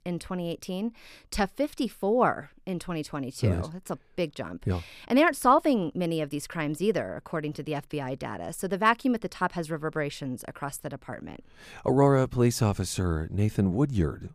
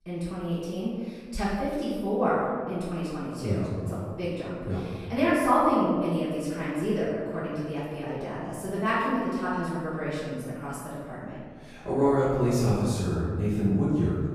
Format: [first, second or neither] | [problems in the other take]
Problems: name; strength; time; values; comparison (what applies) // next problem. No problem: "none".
first | room echo; strong; dies away in 1.6 s // off-mic speech; far